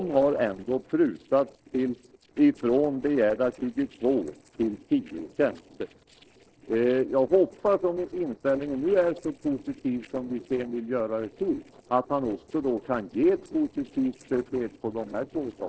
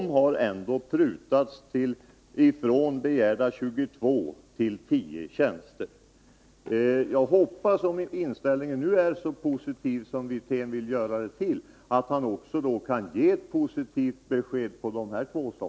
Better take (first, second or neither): second